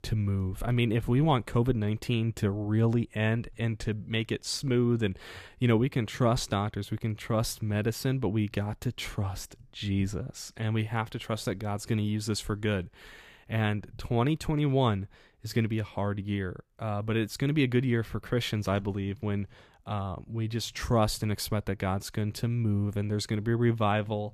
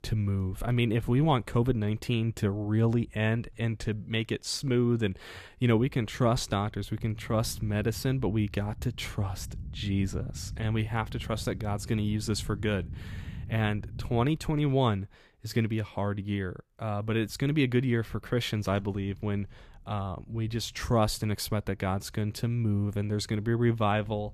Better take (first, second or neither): first